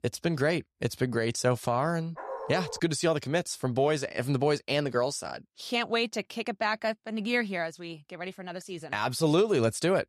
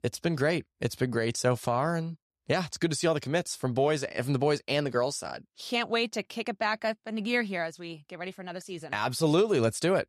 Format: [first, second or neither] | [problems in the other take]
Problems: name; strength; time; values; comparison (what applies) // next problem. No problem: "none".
second | dog barking; noticeable; at 2 s; peak 9 dB below the speech